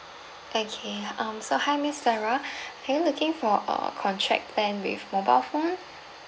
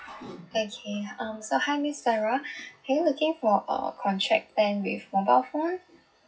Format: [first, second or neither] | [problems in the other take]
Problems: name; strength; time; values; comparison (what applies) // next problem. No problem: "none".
first | noise reduction (classical method WPE with log-MMSE)